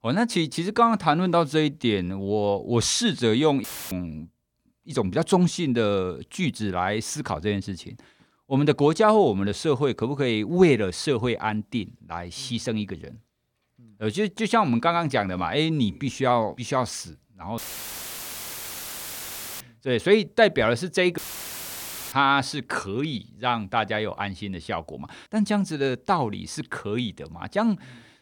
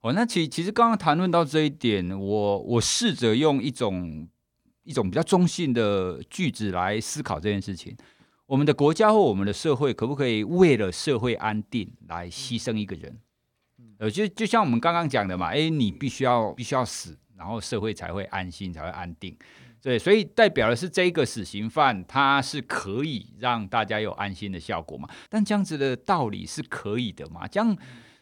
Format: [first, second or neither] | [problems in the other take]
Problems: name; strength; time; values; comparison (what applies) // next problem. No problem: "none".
second | audio cutting out; filled with static; at 3.5 s, at 18 s for 2 s and at 21 s for 1 s